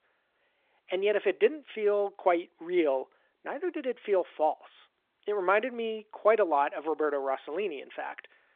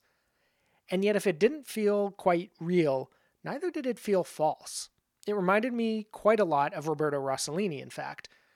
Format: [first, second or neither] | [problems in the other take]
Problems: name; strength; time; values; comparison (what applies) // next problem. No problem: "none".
second | phone-call audio